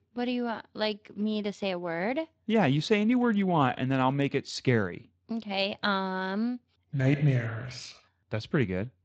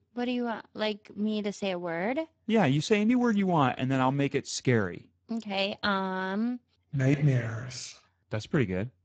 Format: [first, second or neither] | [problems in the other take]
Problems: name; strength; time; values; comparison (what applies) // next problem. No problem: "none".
first | garbled, watery; badly; nothing above 7.5 kHz; slightly in the first